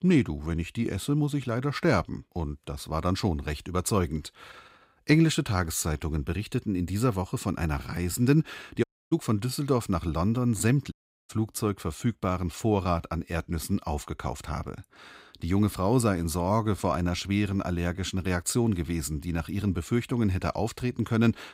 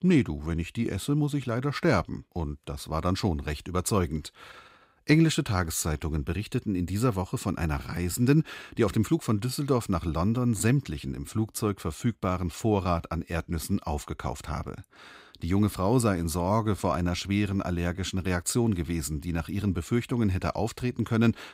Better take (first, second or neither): second